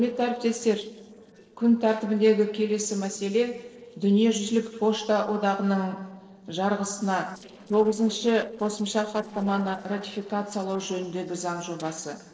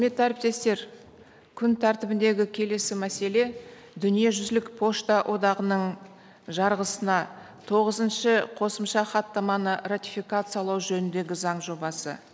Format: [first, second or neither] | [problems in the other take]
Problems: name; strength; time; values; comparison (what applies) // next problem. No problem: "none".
second | noise reduction (neural separator model SepFormer DNS4)